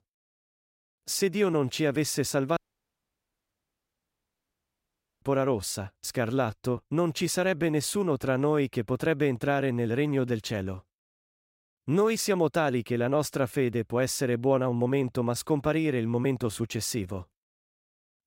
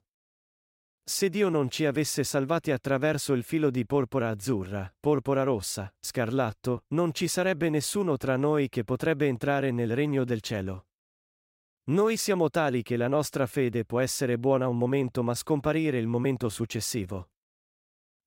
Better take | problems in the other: second | audio cutting out; at 2.5 s for 2.5 s

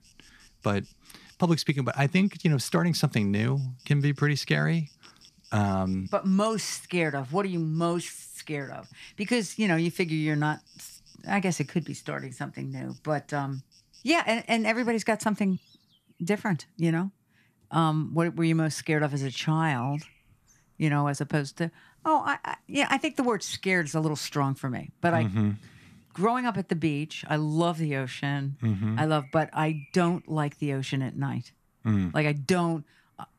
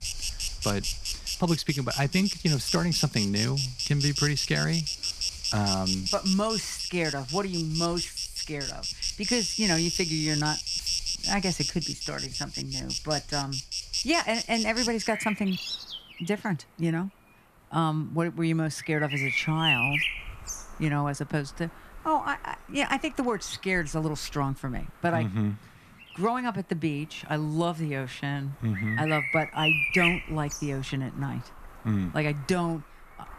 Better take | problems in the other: first | animal sounds; loud; throughout; as loud as the speech; faint in the first

